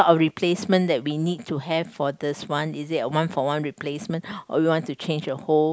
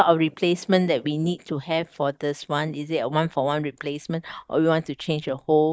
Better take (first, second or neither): first